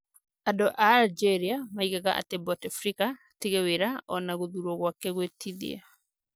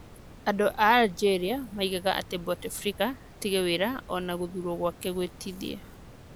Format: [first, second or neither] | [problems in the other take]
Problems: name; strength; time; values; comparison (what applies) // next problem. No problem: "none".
first | background sound (Water); 18 dB below the speech